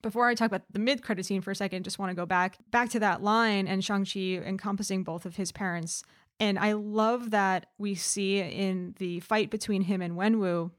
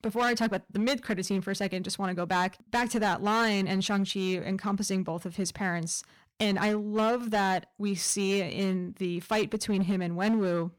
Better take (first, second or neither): first